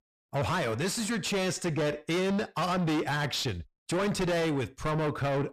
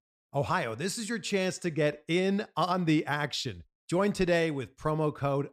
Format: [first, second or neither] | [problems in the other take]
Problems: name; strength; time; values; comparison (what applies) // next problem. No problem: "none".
second | distortion; heavy; 6 dB below the speech